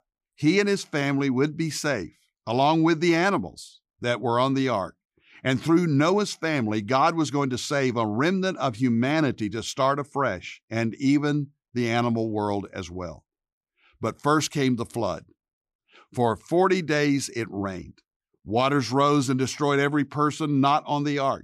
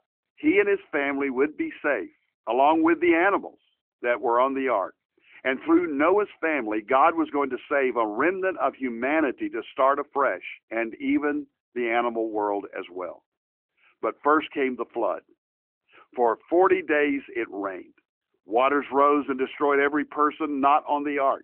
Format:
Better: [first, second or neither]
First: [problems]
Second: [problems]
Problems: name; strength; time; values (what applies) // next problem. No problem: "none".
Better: first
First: none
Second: phone-call audio